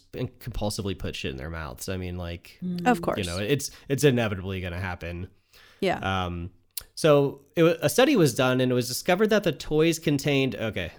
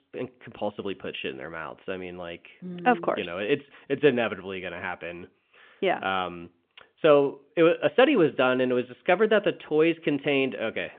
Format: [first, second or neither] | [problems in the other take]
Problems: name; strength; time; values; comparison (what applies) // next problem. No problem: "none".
first | phone-call audio; nothing above 3 kHz